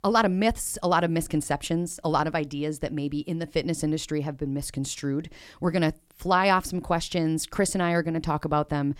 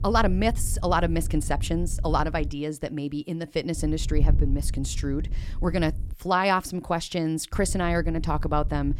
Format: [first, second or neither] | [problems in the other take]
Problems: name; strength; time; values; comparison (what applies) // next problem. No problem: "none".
first | wind noise on the microphone; occasional gusts; until 2.5 s, from 3.5 to 6 s and from 7.5 s on; 20 dB below the speech